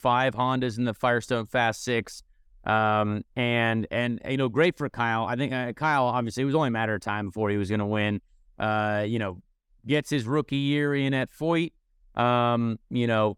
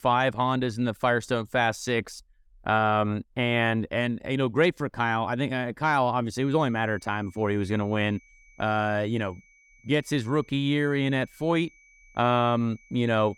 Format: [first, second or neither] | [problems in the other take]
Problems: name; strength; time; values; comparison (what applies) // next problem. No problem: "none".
first | high-pitched whine; faint; from 6.5 s on; 2.5 kHz, 30 dB below the speech